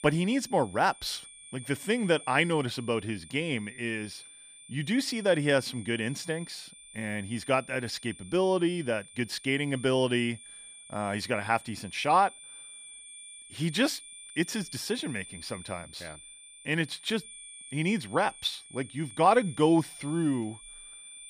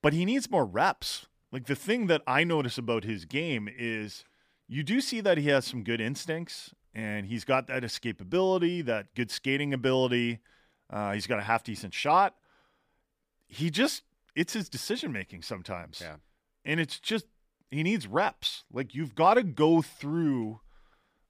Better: second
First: high-pitched whine; noticeable; throughout; 9 kHz, 15 dB below the speech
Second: none

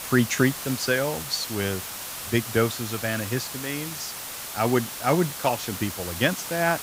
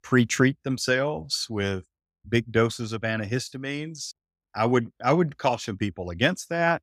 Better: second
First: hiss; loud; throughout; 6 dB below the speech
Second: none

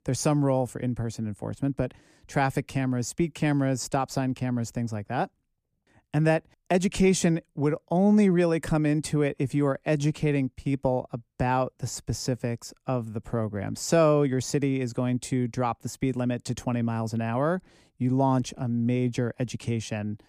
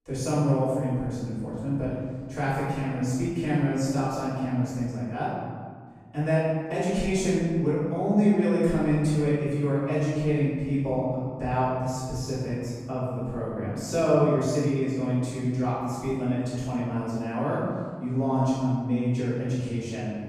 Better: first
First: none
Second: off-mic speech; far // room echo; strong; dies away in 1.6 s

